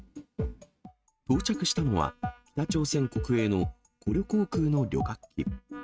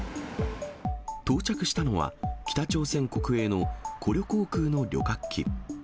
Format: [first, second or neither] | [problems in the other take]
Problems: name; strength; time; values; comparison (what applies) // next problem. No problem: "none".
second | noise reduction (neural mask model RNNoise)